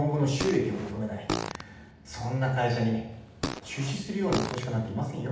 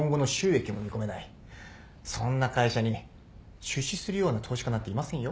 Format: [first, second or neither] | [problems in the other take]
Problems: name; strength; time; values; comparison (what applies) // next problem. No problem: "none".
second | background sound (Fart); 7 dB below the speech // room echo; dies away in 0.8 s